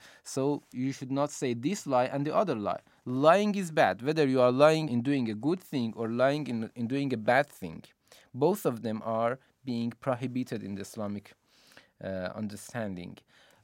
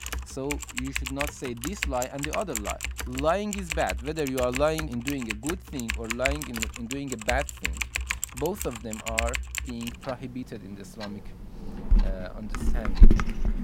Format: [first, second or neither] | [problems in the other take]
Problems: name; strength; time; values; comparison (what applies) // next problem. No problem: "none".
first | household noises; very loud; throughout; 1 dB above the speech